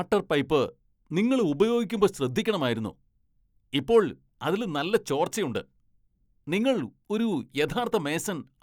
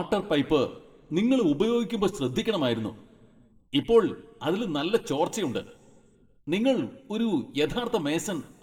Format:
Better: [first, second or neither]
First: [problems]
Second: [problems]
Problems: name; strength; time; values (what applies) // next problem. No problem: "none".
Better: first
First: none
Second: room echo; dies away in 1.2 s